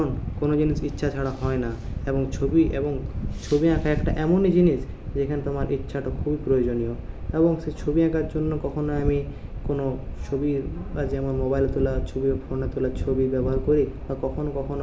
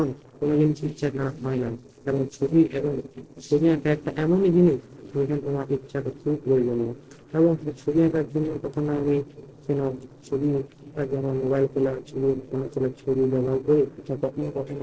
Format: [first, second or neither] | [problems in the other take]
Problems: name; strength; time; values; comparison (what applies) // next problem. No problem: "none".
first | noise reduction (neural separator model SepFormer DNS4)